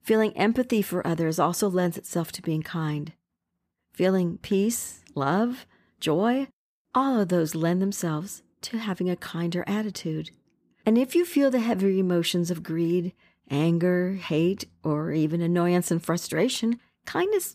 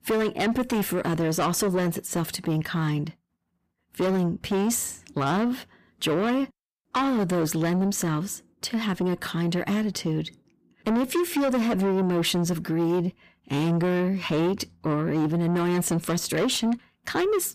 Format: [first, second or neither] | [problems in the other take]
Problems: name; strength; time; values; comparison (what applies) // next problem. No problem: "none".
first | distortion; heavy; 7 dB below the speech